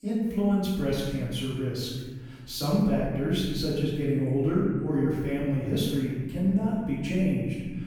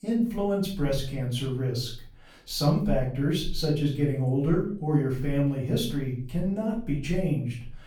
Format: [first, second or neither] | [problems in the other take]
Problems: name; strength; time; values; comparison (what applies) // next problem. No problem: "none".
second | room echo; strong; dies away in 1.6 s; slight in the second // off-mic speech; far; far in the second